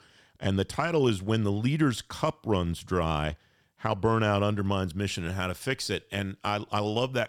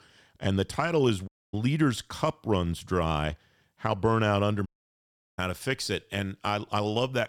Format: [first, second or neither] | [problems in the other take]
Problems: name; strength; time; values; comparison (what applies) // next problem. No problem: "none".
first | audio cutting out; at 1.5 s and at 4.5 s for 0.5 s